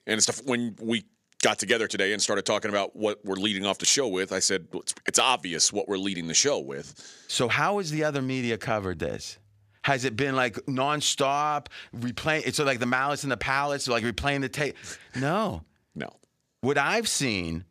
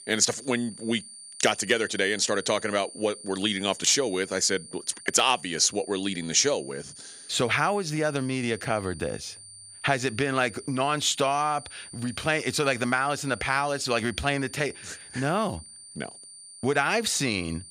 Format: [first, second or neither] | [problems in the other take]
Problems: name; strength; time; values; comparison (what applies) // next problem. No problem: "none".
first | high-pitched whine; noticeable; throughout; 9 kHz, 15 dB below the speech